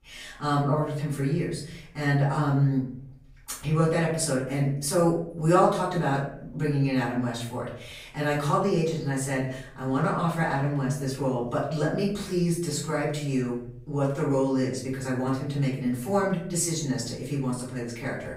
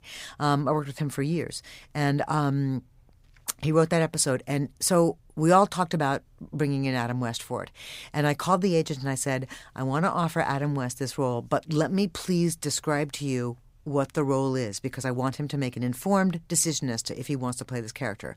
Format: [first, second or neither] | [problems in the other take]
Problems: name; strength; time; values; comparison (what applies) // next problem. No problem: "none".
second | off-mic speech; far // room echo; noticeable; dies away in 0.7 s